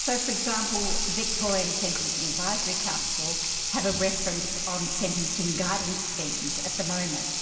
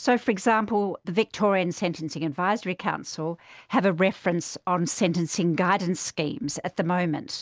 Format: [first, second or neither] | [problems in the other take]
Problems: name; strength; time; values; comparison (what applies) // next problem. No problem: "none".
second | background sound (Sink (filling or washing) / Water tap, faucet); 3 dB above the speech // room echo; dies away in 2.6 s